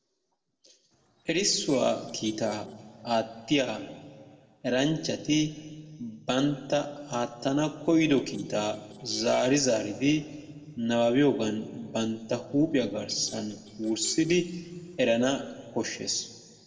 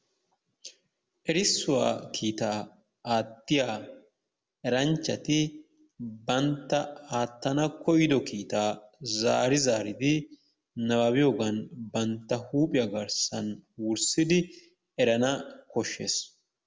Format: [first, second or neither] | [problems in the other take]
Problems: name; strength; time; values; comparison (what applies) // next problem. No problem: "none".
second | noise reduction (neural separator model SepFormer DNS4)